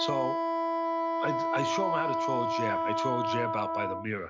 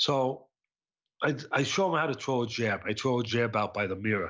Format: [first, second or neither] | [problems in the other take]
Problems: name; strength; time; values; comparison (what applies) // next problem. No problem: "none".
second | background sound (Wind instrument, woodwind instrument); 5 dB above the speech